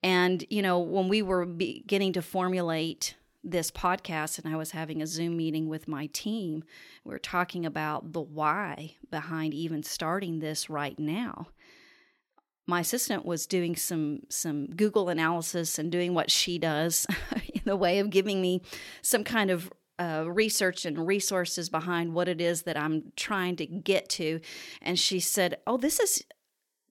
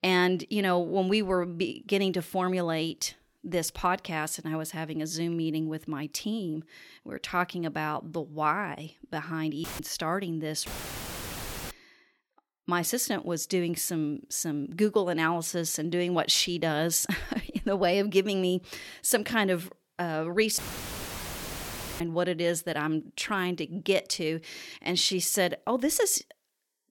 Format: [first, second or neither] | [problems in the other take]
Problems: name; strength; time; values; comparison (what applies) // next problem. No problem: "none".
first | audio cutting out; filled with static; at 9.5 s, at 11 s for 1 s and at 21 s for 1.5 s